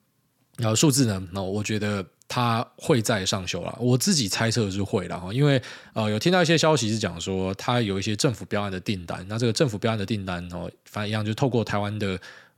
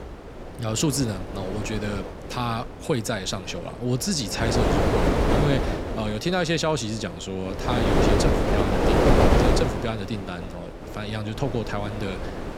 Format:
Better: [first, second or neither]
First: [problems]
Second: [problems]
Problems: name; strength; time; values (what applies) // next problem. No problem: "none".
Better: first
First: none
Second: wind noise on the microphone; heavy; 4 dB above the speech